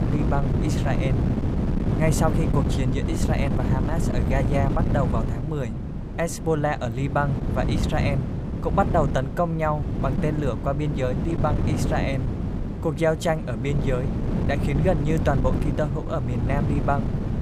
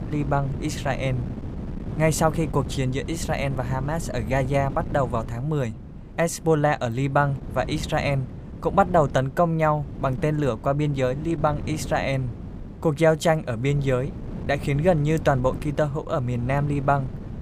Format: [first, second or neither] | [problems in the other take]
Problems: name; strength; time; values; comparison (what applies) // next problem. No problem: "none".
second | wind noise on the microphone; heavy; 6 dB below the speech; occasional gusts in the second